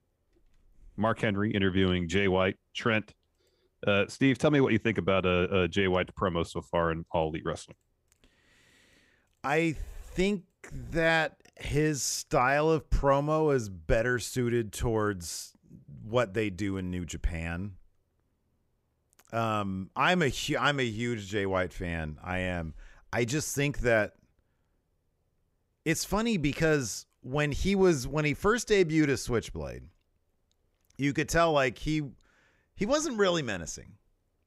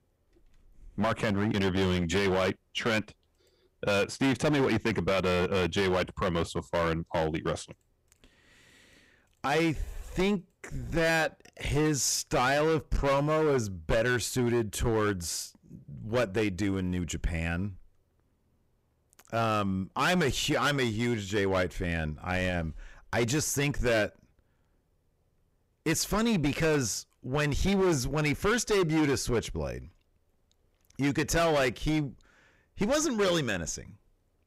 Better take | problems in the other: first | distortion; heavy; 11% of the sound clipped

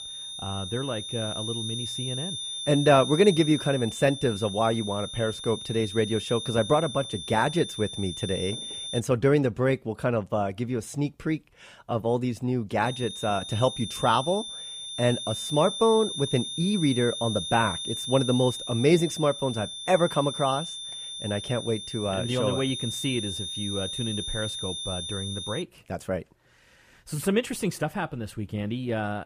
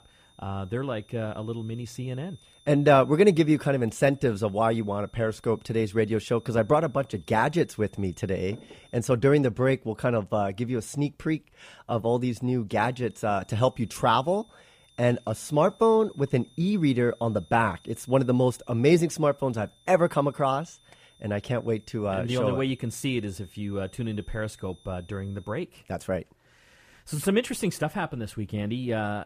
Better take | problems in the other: second | high-pitched whine; loud; until 9 s and from 13 to 26 s; 3.5 kHz, 6 dB below the speech; faint in the second

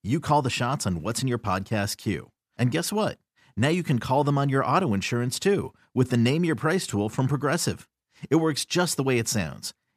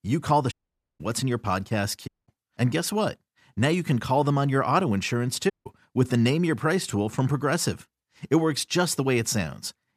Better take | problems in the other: first | audio cutting out; at 0.5 s, at 2 s and at 5.5 s

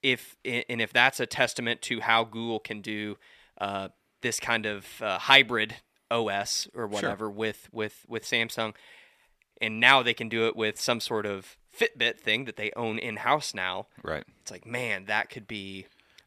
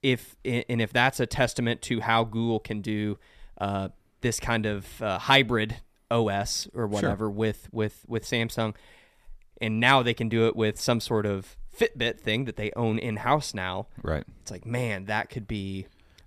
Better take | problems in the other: second | thin; somewhat; fading below 850 Hz

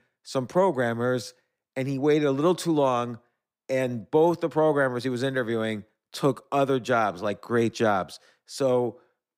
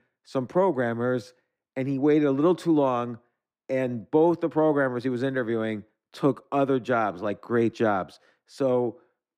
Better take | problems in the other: first | muffled; slightly; fading above 3.5 kHz

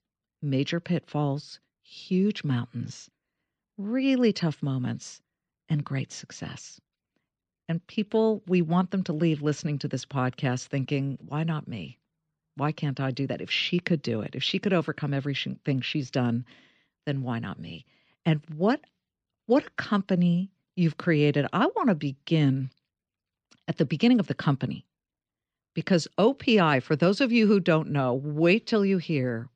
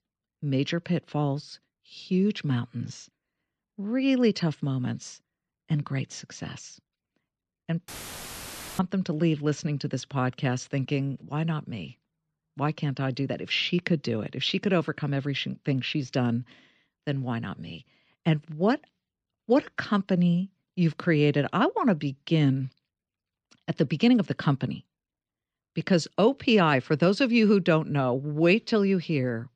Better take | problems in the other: first | audio cutting out; filled with static; at 8 s for 1 s

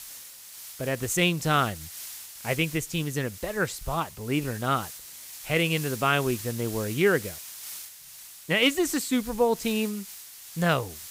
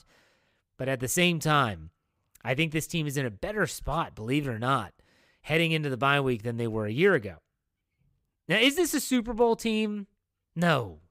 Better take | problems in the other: second | hiss; noticeable; throughout; 15 dB below the speech

